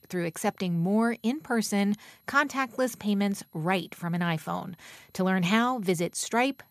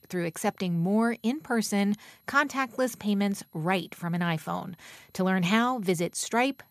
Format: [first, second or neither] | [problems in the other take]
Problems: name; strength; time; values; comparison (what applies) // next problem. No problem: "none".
neither | high-pitched whine; faint; throughout; 11.5 kHz, 35 dB below the speech; the same in both